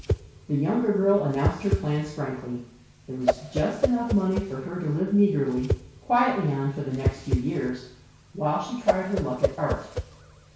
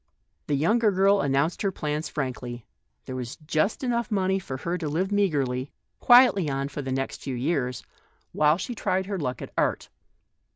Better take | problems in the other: second | background sound (Whoosh, swoosh, swish); 4 dB below the speech // room echo; dies away in 0.6 s

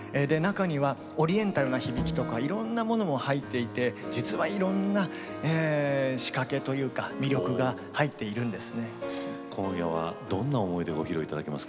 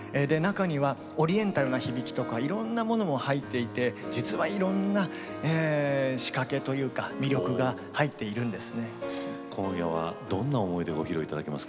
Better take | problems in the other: second | background sound (Bowed string instrument); 8 dB below the speech

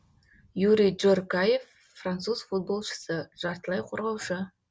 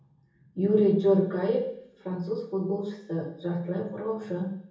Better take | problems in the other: first | room echo; dies away in 0.7 s

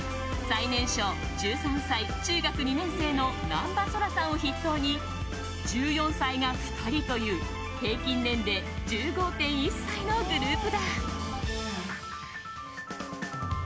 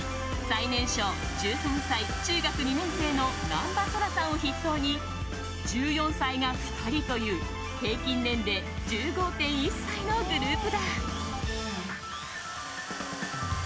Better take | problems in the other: first | background sound (Drill); 14 dB below the speech

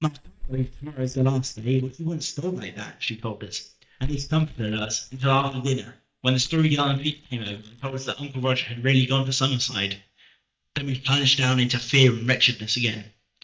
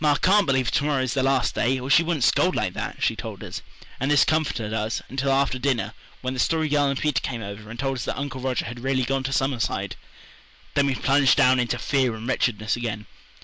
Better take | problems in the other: second | noise reduction (neural mask model DeepFilterNet 3)

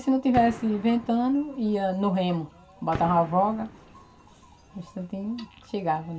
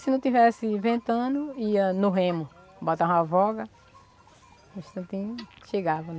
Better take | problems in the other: second | background sound (Gunshot, gunfire); 16 dB below the speech // room echo; dies away in 0.2 s

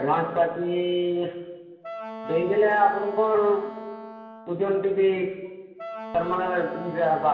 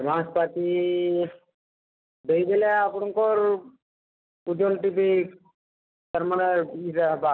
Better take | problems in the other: second | background sound (Wind instrument, woodwind instrument); 14 dB below the speech // room echo; dies away in 1.4 s

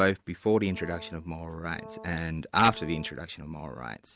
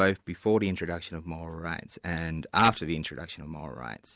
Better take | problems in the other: second | background sound (Brass instrument); 19 dB below the speech

